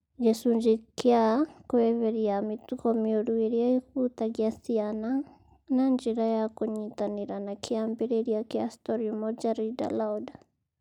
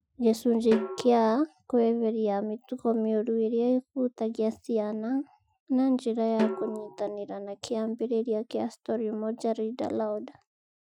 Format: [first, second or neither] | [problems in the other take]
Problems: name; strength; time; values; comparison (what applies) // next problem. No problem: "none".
first | noise reduction (classical method Wiener filter)